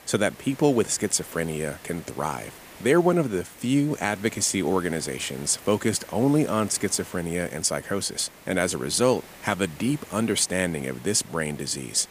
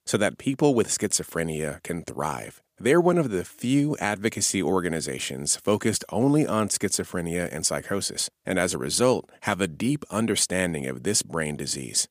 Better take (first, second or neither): second